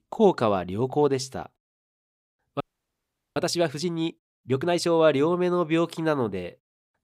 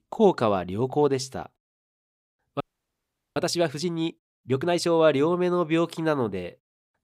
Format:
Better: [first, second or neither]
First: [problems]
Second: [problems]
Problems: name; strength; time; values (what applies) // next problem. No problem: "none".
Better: neither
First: audio freezing; at 2.5 s for 1 s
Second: audio freezing; at 2.5 s for 1 s